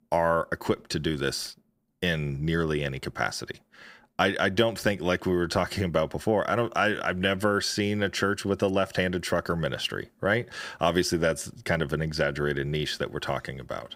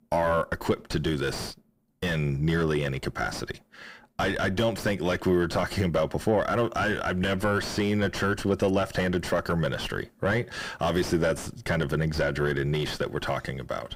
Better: first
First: none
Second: distortion; heavy; 4 dB below the speech

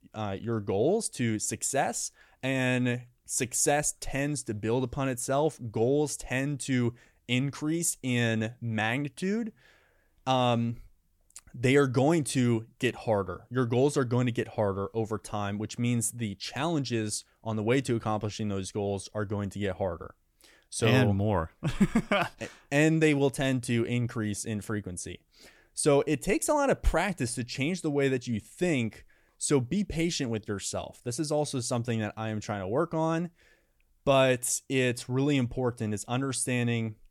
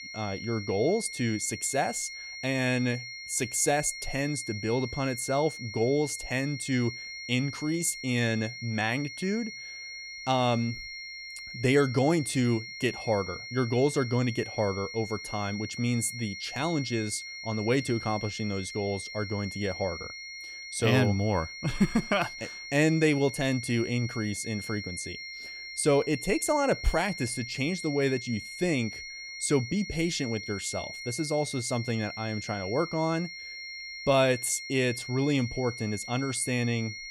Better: first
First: none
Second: high-pitched whine; loud; throughout; 2 kHz, 9 dB below the speech

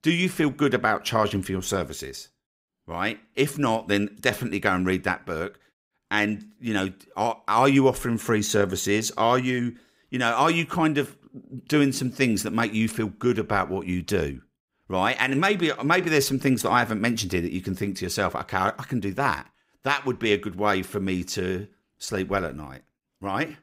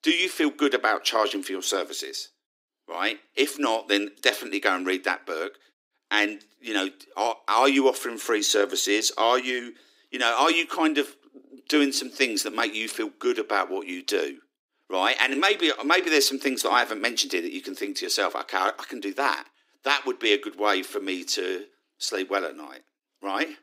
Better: first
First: none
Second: thin; very slightly; fading below 300 Hz

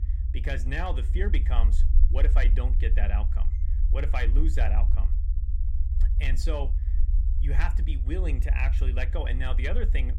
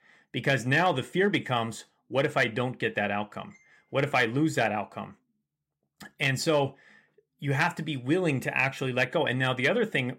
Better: second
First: low rumble; noticeable; throughout; 10 dB below the speech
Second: none

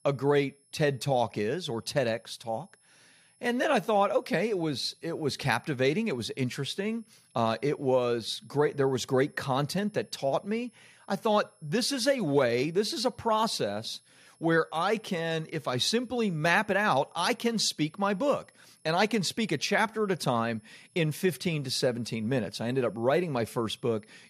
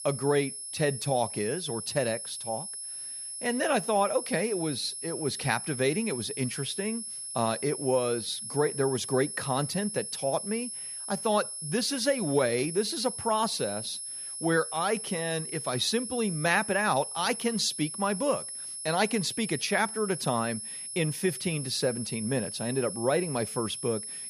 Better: first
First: high-pitched whine; faint; throughout; 10.5 kHz, 35 dB below the speech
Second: high-pitched whine; loud; throughout; 10.5 kHz, 6 dB below the speech

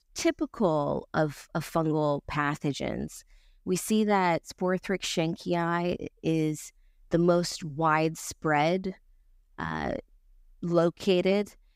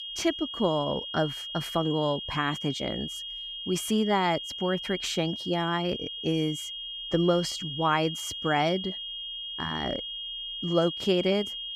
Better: first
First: none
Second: high-pitched whine; loud; throughout; 3.5 kHz, 6 dB below the speech

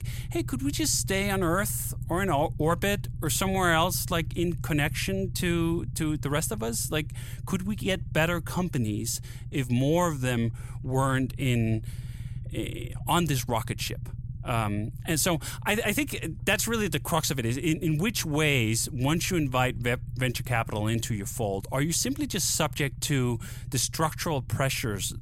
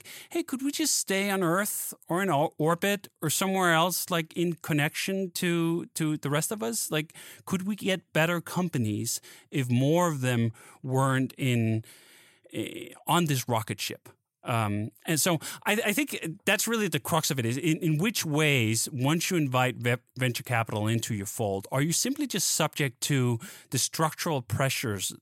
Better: second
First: low rumble; faint; throughout; 20 dB below the speech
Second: none

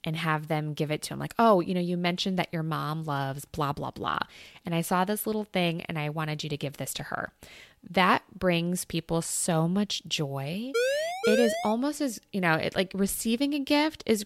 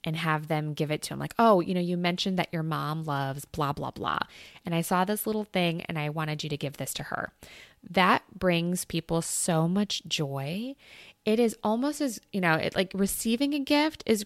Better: second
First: siren; loud; at 11 s; peak 1 dB above the speech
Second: none

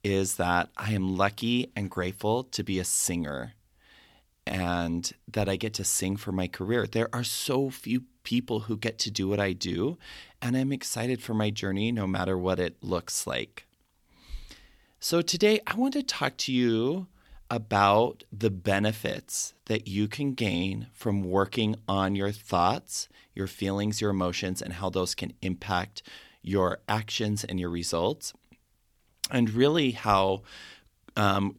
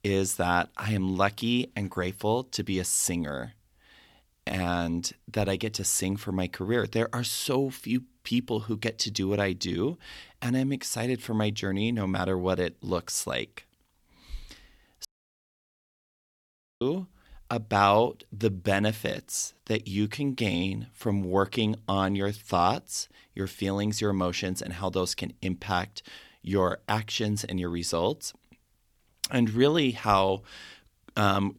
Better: first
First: none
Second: audio cutting out; at 15 s for 2 s

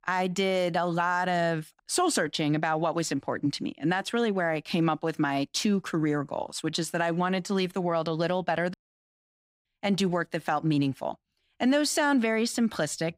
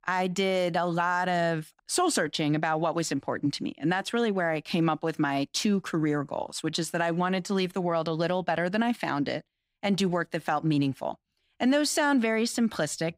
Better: second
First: audio cutting out; at 8.5 s for 1 s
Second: none

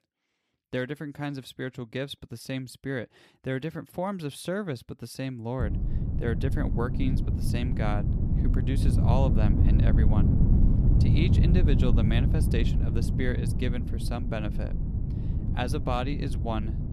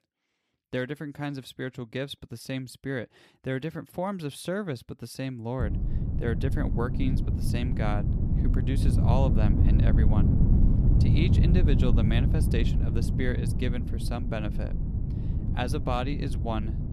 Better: neither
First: wind noise on the microphone; heavy; from 5.5 s on; 3 dB below the speech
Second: wind noise on the microphone; heavy; from 5.5 s on; 3 dB below the speech

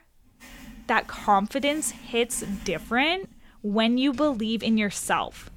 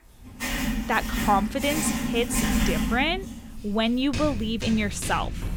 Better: first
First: household noises; faint; throughout; 20 dB below the speech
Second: household noises; loud; throughout; 3 dB below the speech

